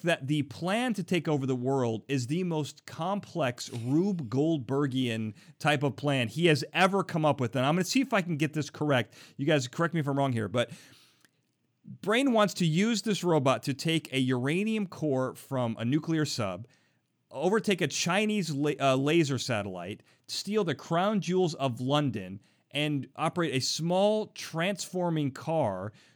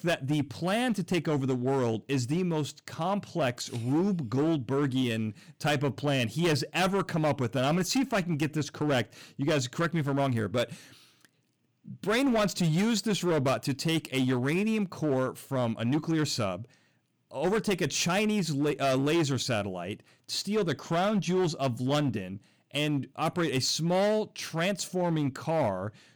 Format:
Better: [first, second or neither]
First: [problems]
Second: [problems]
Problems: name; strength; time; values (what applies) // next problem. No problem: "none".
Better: first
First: none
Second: distortion; slight; 10% of the sound clipped